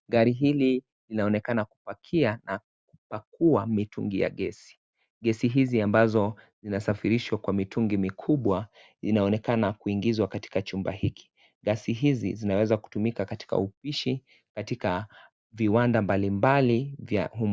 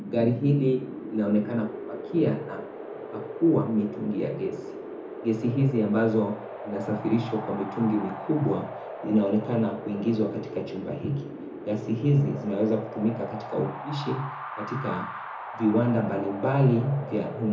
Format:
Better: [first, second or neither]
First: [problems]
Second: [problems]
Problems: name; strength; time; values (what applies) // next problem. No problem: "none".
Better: first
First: none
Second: background sound (Wind); 10 dB below the speech // room echo; dies away in 0.6 s